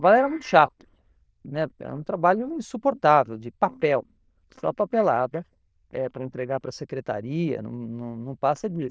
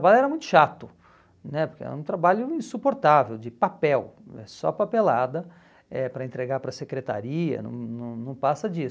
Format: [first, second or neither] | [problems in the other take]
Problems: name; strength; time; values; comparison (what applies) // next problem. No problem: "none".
second | noise reduction (neural diffusion model UNIVERSE++)